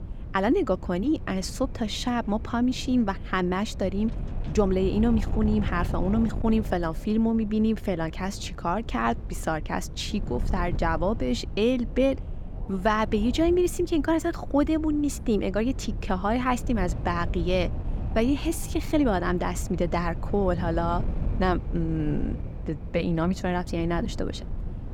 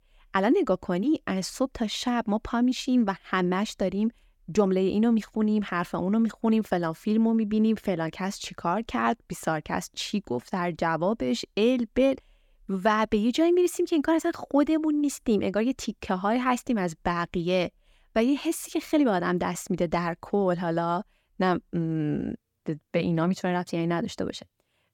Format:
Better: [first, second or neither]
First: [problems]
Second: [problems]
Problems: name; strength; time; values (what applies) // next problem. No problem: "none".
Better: second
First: wind noise on the microphone; occasional gusts; 15 dB below the speech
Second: none